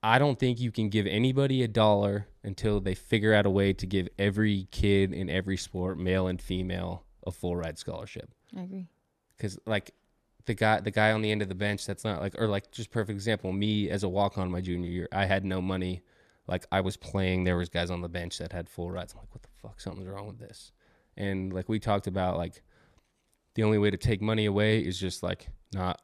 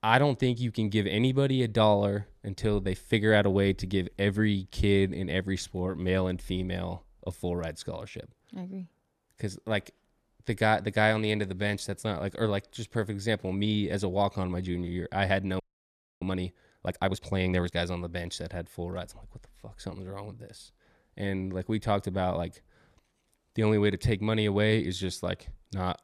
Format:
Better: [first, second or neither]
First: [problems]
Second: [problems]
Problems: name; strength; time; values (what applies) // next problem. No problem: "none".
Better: first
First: none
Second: audio freezing; at 16 s for 0.5 s